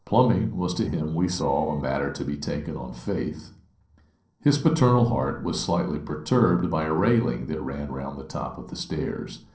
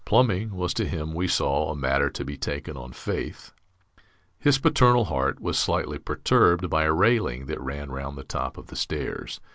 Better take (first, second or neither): second